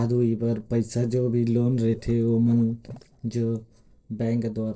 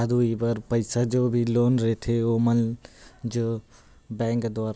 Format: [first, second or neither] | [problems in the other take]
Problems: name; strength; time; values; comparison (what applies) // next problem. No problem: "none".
second | noise reduction (neural separator model SepFormer DNS4)